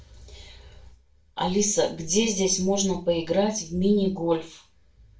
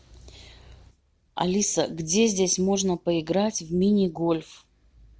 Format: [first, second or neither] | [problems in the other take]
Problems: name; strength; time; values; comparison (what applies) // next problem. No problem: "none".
second | room echo; dies away in 0.3 s